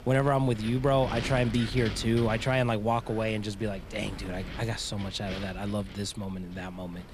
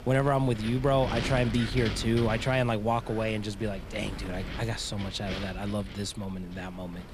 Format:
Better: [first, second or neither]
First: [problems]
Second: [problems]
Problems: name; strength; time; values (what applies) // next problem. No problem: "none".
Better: first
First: wind noise on the microphone; occasional gusts; 10 dB below the speech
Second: wind noise on the microphone; heavy; 10 dB below the speech